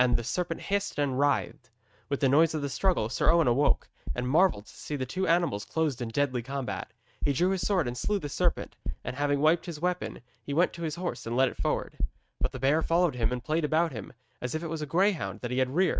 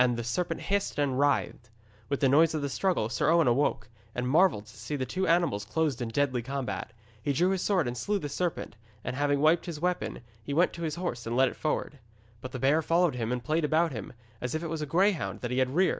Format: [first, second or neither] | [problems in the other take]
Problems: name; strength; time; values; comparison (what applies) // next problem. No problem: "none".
second | noise reduction (neural mask model RNNoise)